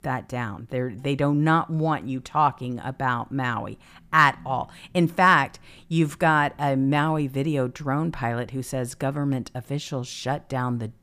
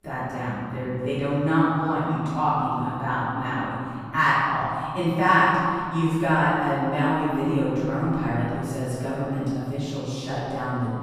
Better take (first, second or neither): first